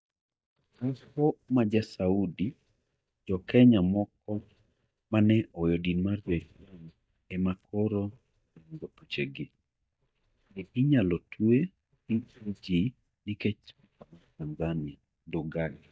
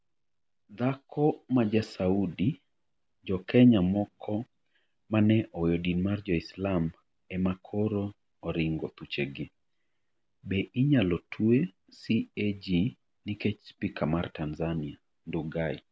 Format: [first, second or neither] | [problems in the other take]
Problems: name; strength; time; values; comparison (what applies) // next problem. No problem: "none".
second | noise reduction (neural mask model DeepFilterNet 3)